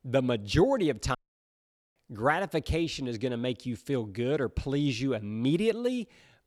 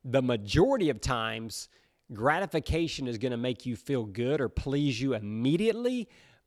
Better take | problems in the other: second | audio cutting out; at 1 s for 1 s

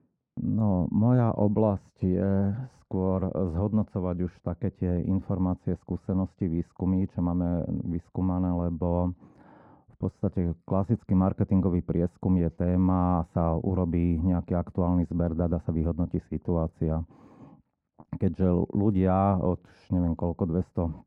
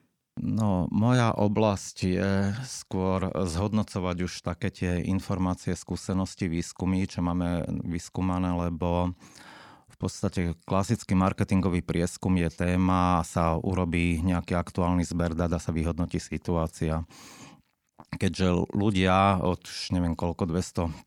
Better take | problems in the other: second | muffled; very; fading above 2 kHz

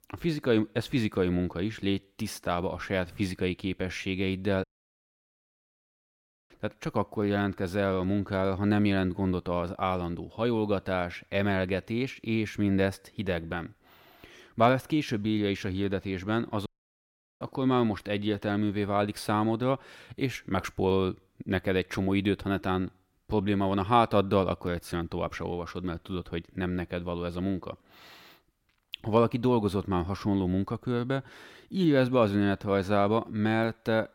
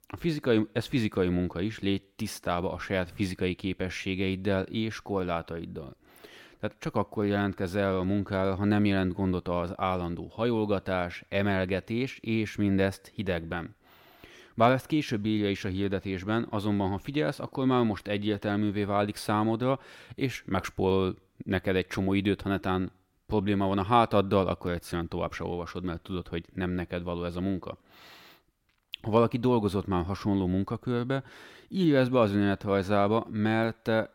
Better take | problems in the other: second | audio cutting out; at 4.5 s for 2 s and at 17 s for 1 s

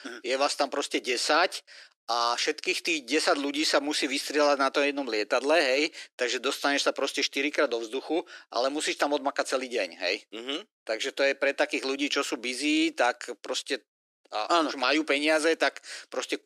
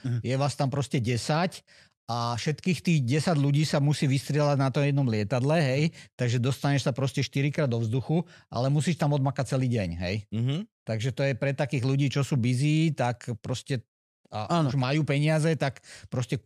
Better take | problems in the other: second | thin; very; fading below 300 Hz

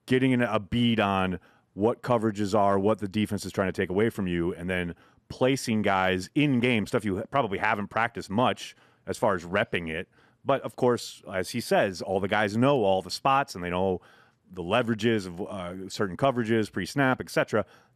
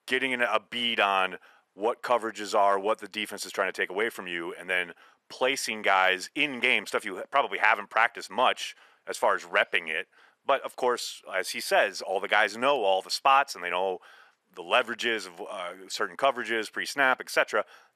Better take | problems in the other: first | thin; very; fading below 600 Hz

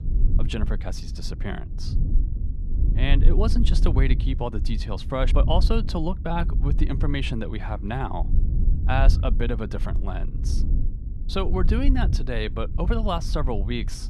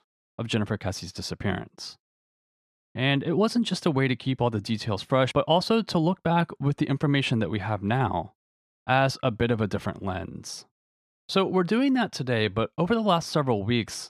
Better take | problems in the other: second | low rumble; noticeable; throughout; 10 dB below the speech

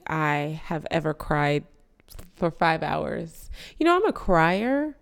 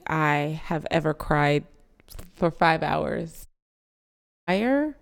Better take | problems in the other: first | audio cutting out; at 3.5 s for 1 s

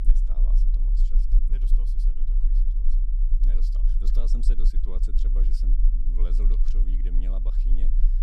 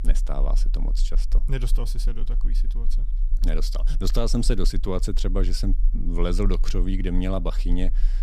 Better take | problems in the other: second | low rumble; loud; throughout; 2 dB below the speech; faint in the second

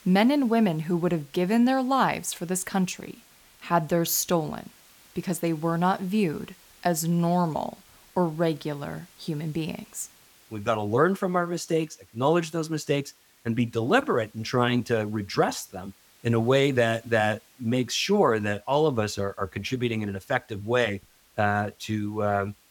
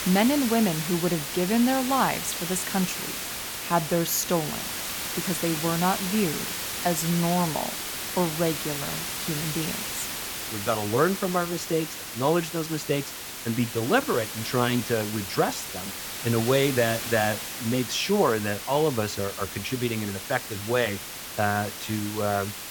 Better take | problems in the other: first | hiss; loud; throughout; 5 dB below the speech; faint in the first

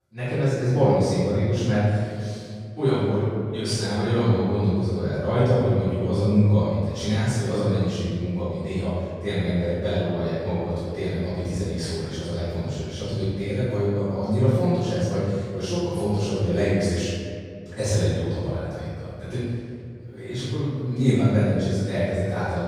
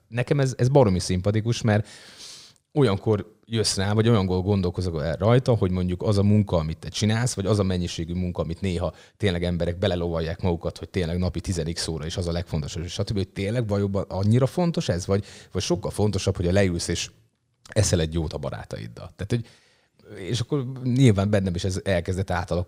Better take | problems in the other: second | room echo; strong; dies away in 2 s // off-mic speech; far

